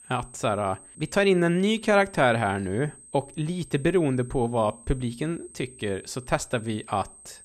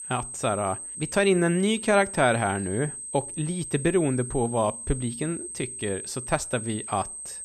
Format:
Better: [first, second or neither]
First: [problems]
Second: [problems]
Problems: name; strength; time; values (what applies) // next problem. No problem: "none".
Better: first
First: high-pitched whine; faint; throughout; 8.5 kHz, 20 dB below the speech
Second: high-pitched whine; loud; throughout; 8.5 kHz, 8 dB below the speech